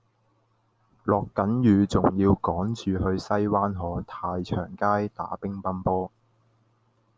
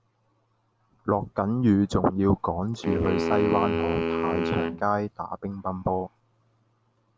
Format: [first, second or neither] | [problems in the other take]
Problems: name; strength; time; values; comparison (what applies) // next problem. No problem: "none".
first | background sound (Wind instrument, woodwind instrument); 2 dB below the speech